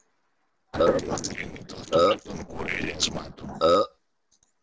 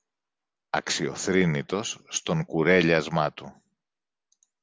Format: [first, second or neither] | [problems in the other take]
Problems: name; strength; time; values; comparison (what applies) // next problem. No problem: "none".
second | noise reduction (neural separator model SepFormer DNS4)